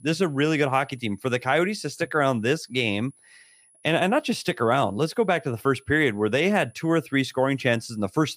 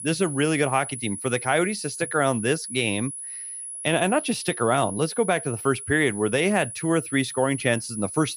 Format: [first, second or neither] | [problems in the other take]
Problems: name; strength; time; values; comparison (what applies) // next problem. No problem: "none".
first | high-pitched whine; loud; throughout; 10.5 kHz, 9 dB below the speech; faint in the first